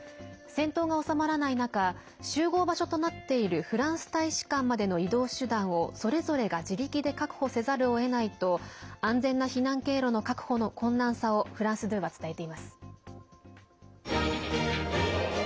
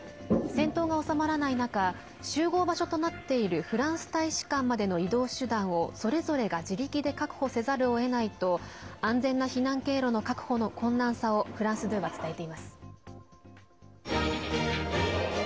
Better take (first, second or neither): first